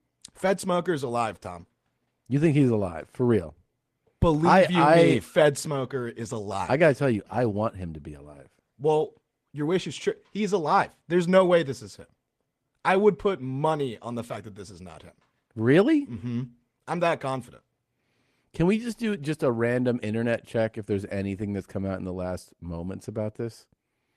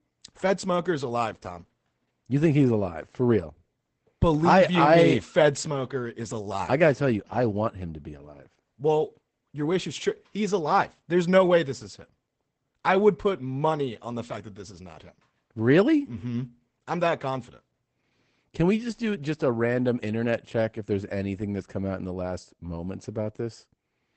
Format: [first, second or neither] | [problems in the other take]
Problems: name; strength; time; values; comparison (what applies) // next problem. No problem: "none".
first | garbled, watery; badly; nothing above 8 kHz; slightly in the first